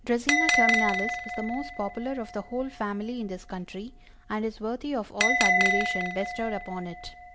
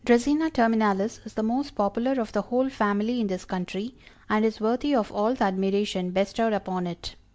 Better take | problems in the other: second | background sound (Bell); 2 dB above the speech

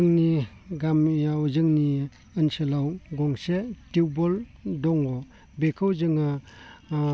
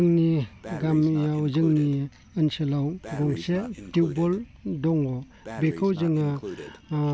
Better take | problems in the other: first | background sound (Breathing); 15 dB below the speech

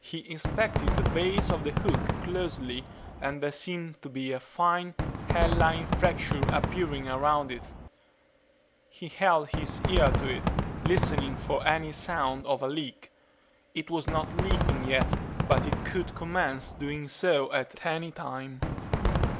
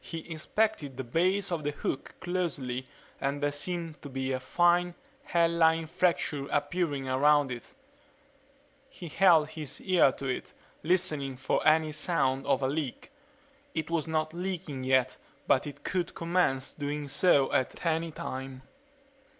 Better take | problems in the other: second | background sound (Fireworks); 1 dB below the speech

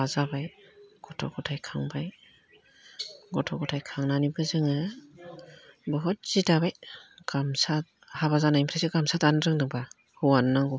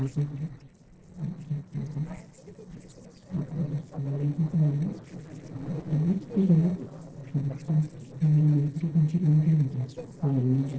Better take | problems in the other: first | noise reduction (neural separator model SepFormer DNS4)

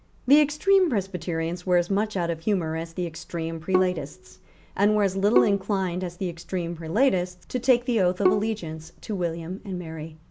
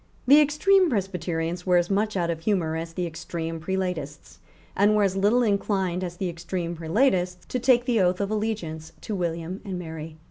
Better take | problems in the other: second | background sound (Bowed string instrument); 4 dB below the speech

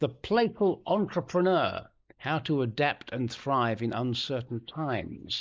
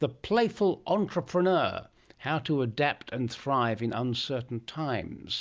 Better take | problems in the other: second | noise reduction (neural mask model Resemble Enhance denoiser)

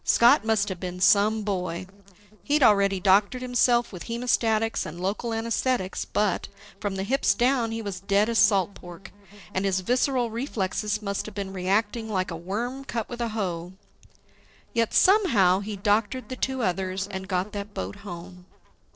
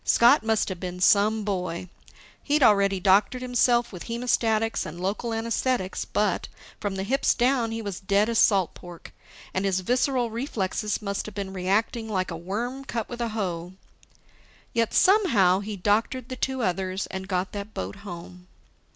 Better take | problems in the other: second | noise reduction (neural separator model SepFormer DNS4)

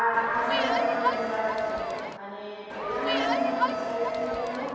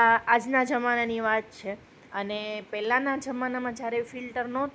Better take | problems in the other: second | background sound (Crowd); 2 dB above the speech // room echo; dies away in 2.2 s

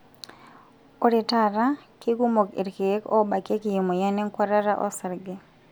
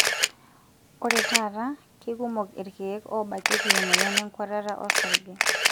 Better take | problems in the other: first | background sound (Camera); 5 dB above the speech

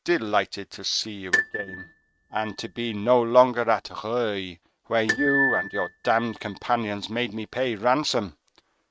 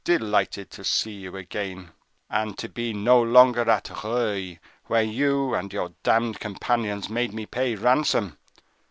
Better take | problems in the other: second | noise reduction (neural mask model RNNoise)

